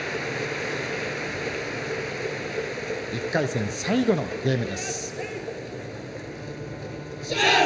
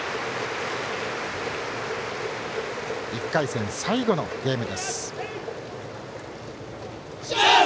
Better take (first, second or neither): second